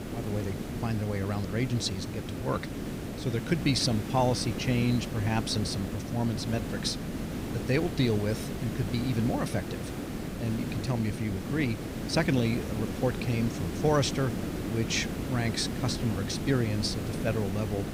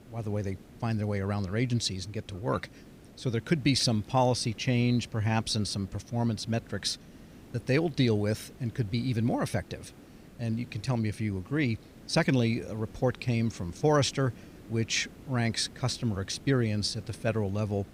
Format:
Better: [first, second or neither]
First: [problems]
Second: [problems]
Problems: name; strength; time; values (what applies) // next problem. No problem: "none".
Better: second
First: hiss; loud; throughout; 5 dB below the speech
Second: hiss; faint; throughout; 20 dB below the speech